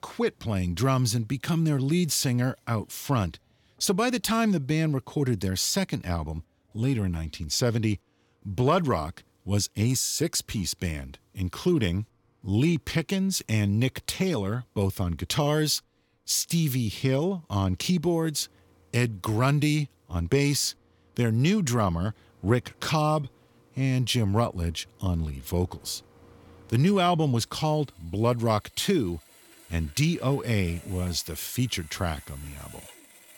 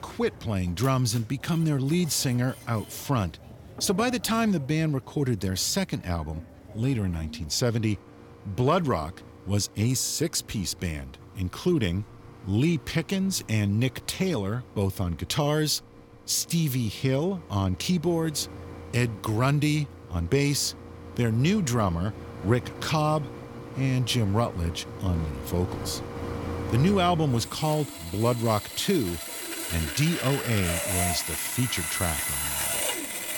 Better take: first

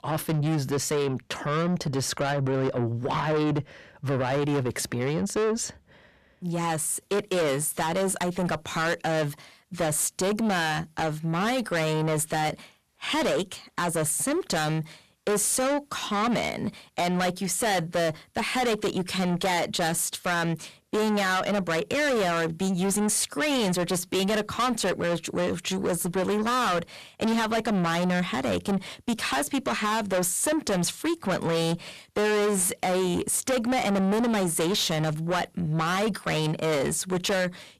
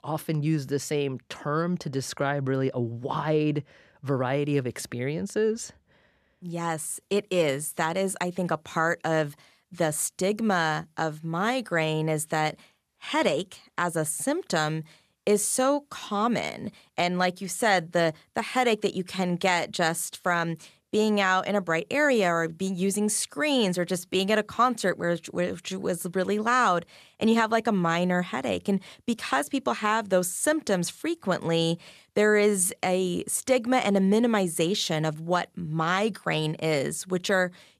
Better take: second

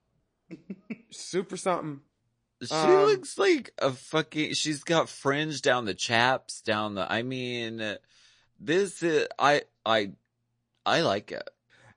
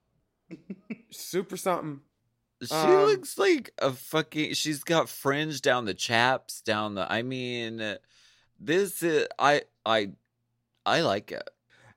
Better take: second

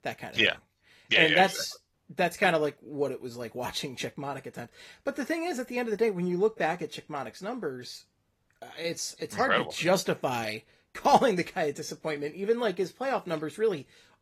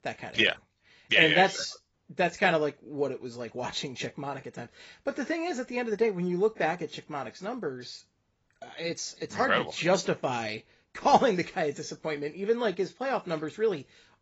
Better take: first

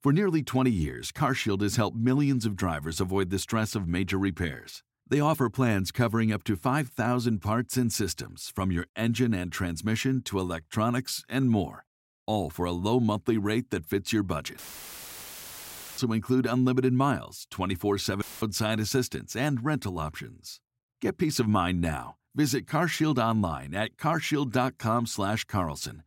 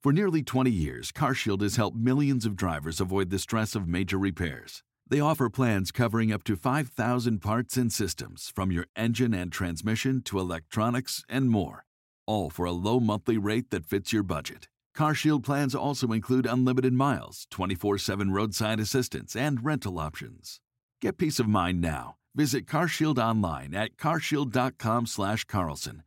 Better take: second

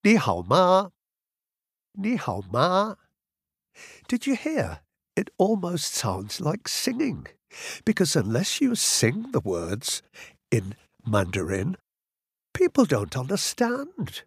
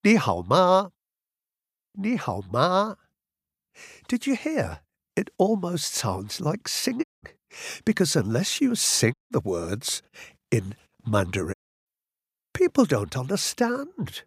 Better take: first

